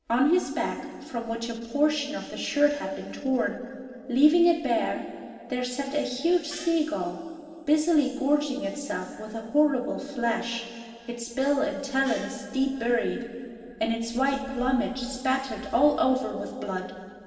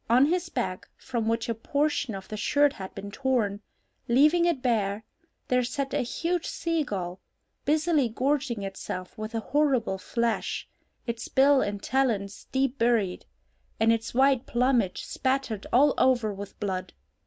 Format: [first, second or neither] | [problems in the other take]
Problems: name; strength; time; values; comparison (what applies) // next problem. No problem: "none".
second | noise reduction (neural separator model SepFormer DNS4)